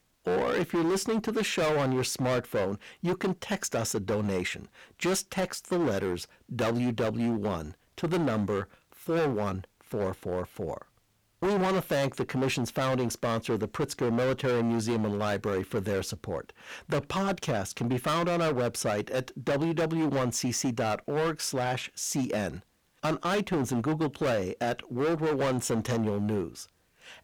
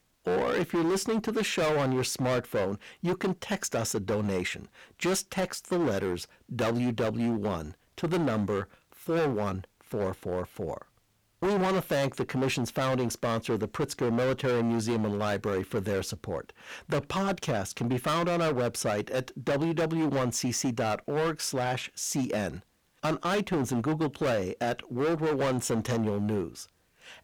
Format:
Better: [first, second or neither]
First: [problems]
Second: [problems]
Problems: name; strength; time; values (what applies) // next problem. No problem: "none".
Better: neither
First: distortion; heavy; 17% of the sound clipped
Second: distortion; heavy; 17% of the sound clipped